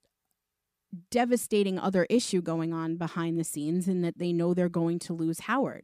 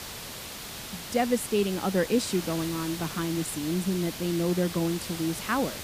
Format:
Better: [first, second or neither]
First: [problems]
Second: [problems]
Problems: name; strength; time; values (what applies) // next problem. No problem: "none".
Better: first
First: none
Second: hiss; loud; throughout; 8 dB below the speech